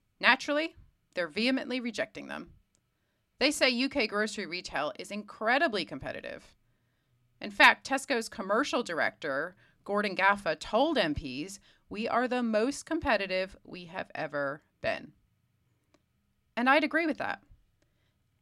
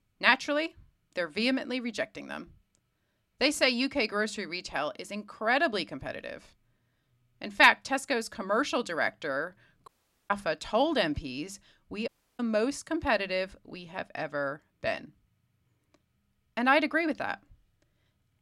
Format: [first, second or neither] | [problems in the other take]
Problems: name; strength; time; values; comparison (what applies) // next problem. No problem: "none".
first | audio cutting out; at 10 s and at 12 s